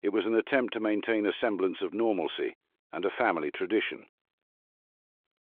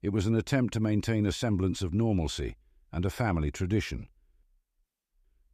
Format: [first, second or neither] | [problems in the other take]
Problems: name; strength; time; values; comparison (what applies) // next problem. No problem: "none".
second | phone-call audio; nothing above 3.5 kHz